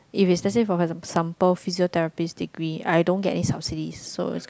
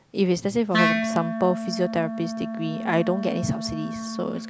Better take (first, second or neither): first